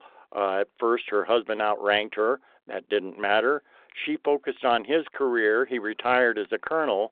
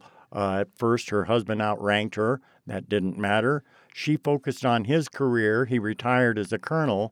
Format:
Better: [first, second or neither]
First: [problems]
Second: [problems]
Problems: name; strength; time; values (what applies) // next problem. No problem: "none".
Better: second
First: phone-call audio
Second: none